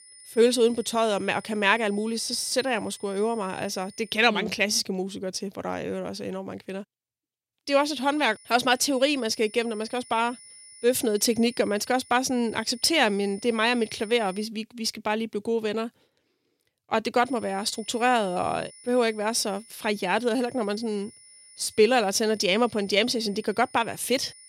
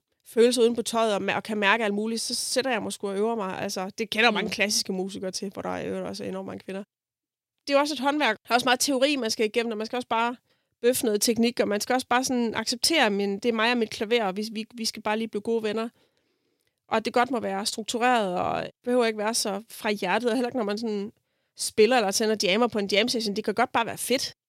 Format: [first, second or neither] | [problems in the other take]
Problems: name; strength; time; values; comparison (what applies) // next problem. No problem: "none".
second | high-pitched whine; faint; until 4 s, from 7.5 to 14 s and from 17 s on; 9.5 kHz, 20 dB below the speech